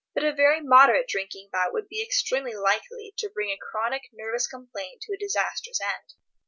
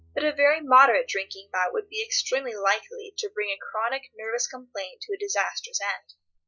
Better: first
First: none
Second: noise reduction (classical method log-MMSE)

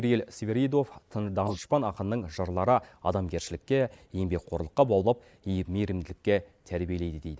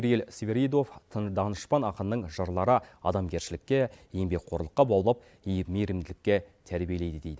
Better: second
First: noise reduction (neural mask model Resemble Enhance denoiser)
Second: none

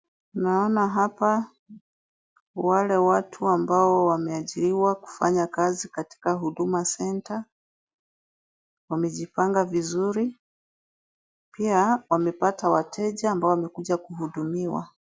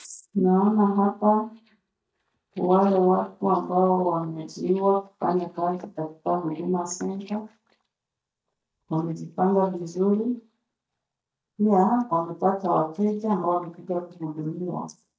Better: first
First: none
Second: noise reduction (neural mask model DeepFilterNet 3)

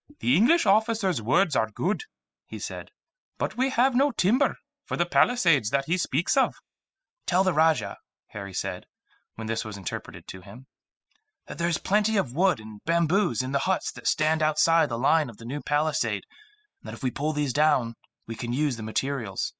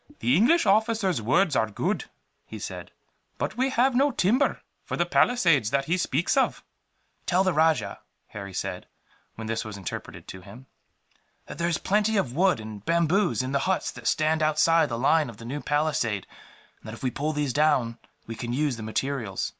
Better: second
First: noise reduction (classical method spectral subtraction)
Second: none

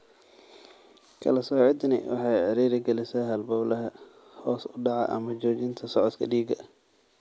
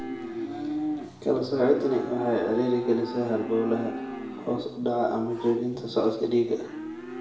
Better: first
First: none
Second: background sound (Livestock, farm animals, working animals); 9 dB below the speech // room echo; dies away in 0.6 s

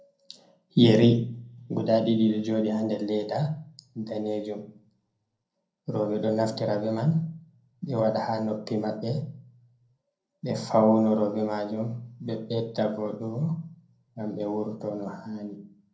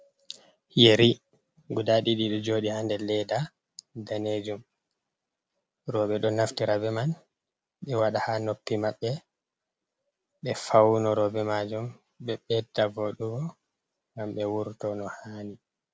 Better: second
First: room echo; dies away in 0.5 s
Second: none

